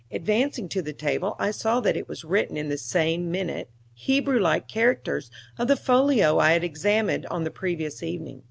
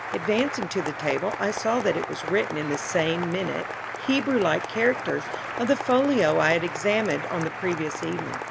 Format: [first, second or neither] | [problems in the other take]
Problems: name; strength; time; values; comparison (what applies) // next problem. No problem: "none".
first | background sound (Applause); 7 dB below the speech